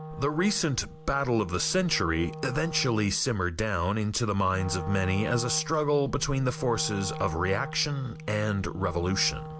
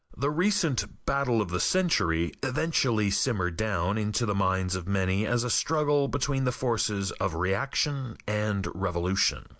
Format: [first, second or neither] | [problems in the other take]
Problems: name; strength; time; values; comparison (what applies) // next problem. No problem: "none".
second | background sound (Wind instrument, woodwind instrument); 12 dB below the speech